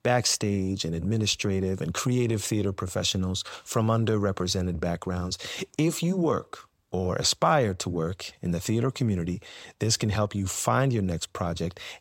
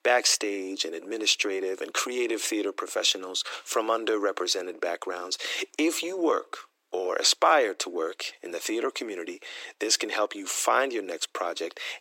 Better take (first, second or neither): first